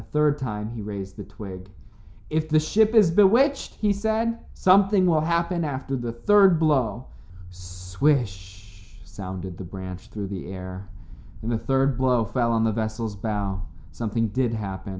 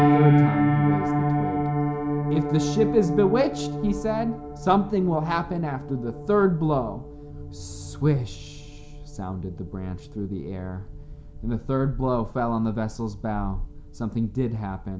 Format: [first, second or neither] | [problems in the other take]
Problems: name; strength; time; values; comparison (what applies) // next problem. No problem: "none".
first | background sound (Piano); 1 dB below the speech